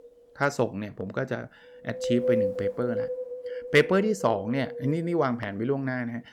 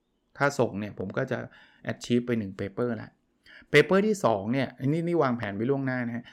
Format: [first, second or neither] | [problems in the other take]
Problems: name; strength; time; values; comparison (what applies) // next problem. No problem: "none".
second | wind noise on the microphone; heavy; 4 dB below the speech